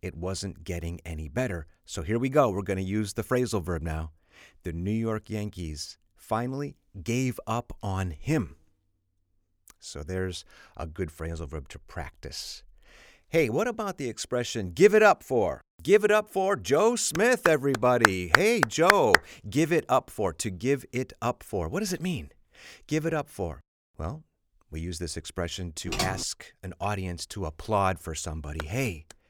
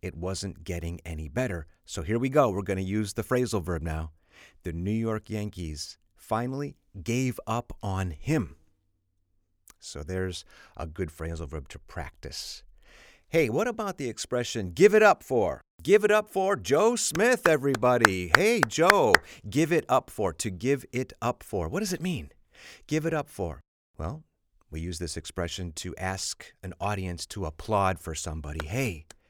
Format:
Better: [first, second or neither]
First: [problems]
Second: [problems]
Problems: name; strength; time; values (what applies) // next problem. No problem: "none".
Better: second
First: keyboard typing; noticeable; at 26 s; peak 3 dB below the speech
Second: none